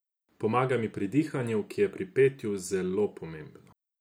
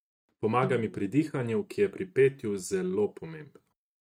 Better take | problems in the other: first | noise reduction (neural mask model RNNoise)

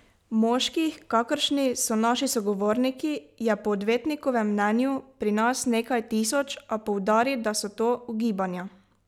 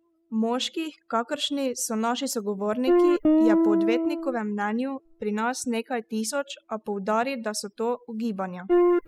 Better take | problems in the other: first | noise reduction (classical method spectral subtraction)

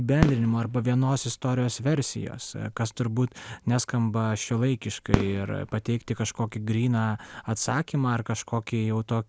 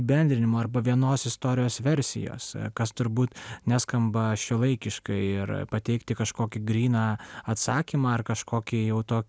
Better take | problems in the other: second | background sound (Fireworks); 9 dB below the speech

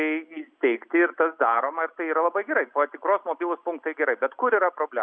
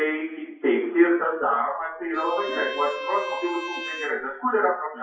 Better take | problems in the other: first | noise reduction (classical method WPE with log-MMSE)

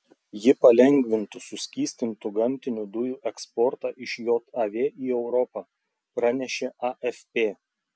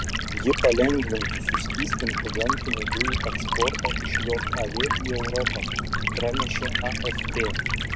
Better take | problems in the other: first | background sound (Stream); 2 dB above the speech

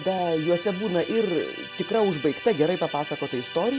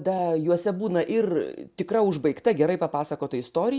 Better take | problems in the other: second | background sound (Musical instrument); 13 dB below the speech

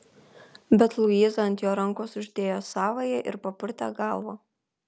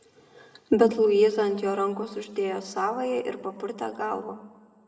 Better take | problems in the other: first | room echo; dies away in 0.9 s

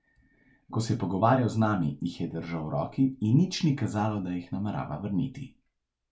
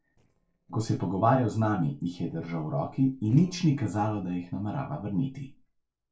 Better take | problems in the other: first | noise reduction (neural separator model SepFormer DNS4)

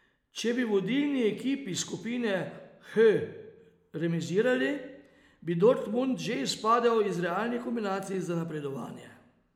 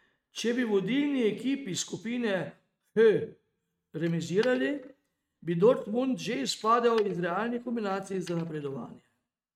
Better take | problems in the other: first | noise reduction (neural mask model RNNoise)

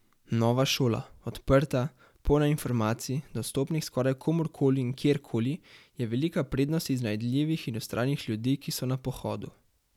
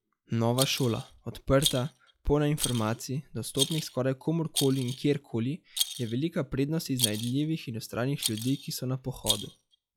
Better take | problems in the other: first | noise reduction (classical method log-MMSE)

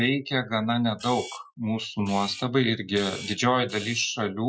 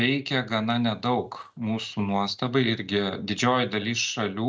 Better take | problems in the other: second | noise reduction (classical method Wiener filter)

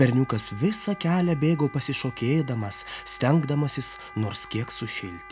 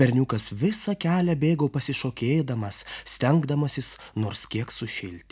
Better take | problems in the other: second | background sound (Wind instrument, woodwind instrument); 18 dB below the speech

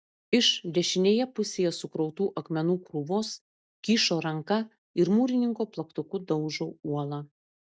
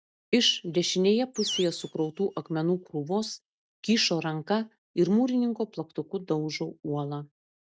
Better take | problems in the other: first | background sound (Animal); 14 dB below the speech

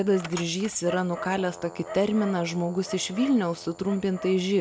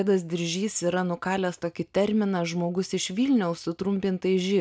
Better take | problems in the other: second | background sound (Dog); 14 dB below the speech

